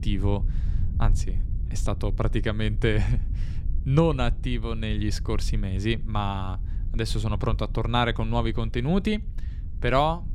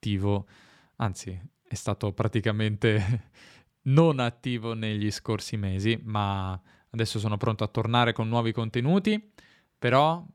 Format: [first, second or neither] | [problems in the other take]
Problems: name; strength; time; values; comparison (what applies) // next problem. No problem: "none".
second | low rumble; faint; throughout; 20 dB below the speech